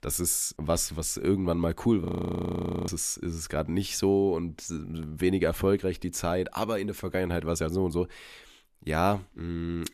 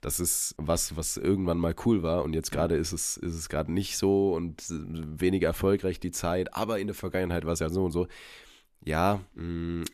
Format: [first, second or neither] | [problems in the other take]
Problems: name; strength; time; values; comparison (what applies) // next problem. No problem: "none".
second | audio freezing; at 2 s for 1 s